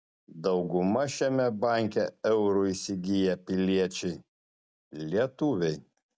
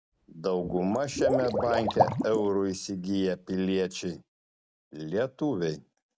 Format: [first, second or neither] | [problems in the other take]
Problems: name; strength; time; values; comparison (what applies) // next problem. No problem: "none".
first | background sound (Liquid); 2 dB below the speech